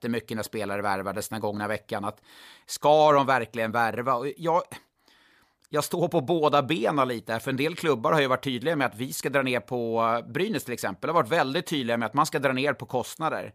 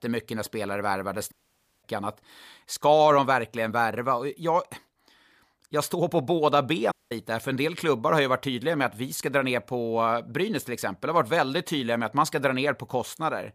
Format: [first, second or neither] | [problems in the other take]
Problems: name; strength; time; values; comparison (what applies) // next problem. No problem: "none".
first | audio cutting out; at 1.5 s for 0.5 s and at 7 s